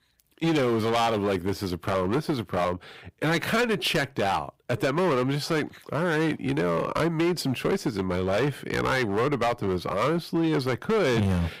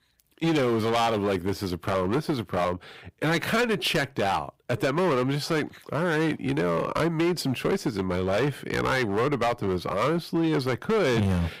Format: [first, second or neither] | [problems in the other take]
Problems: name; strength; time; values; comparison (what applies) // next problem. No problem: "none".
neither | distortion; heavy; 14% of the sound clipped; the same in both